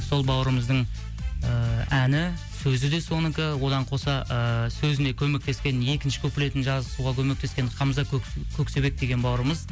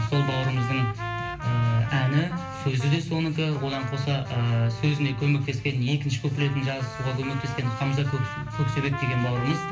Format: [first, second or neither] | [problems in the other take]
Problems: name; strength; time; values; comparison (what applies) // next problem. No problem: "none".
first | background sound (Trumpet); 11 dB below the speech // room echo; dies away in 0.3 s